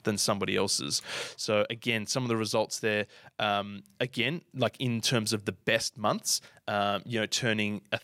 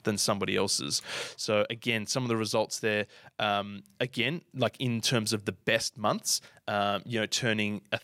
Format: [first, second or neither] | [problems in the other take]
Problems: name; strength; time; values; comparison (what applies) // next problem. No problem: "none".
neither | none